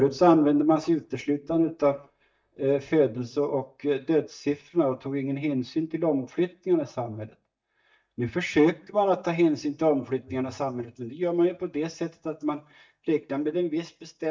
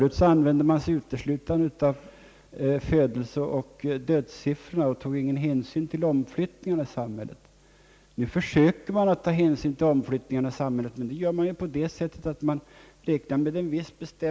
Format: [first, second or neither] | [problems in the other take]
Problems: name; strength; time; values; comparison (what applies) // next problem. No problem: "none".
second | noise reduction (neural mask model DeepFilterNet 3)